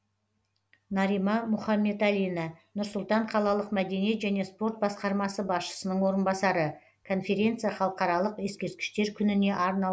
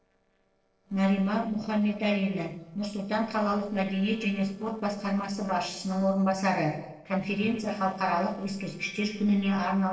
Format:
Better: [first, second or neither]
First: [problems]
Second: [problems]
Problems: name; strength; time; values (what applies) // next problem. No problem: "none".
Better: first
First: none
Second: noise reduction (neural separator model SepFormer DNS4)